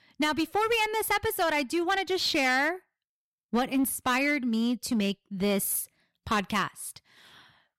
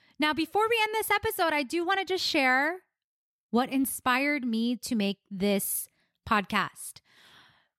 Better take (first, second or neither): second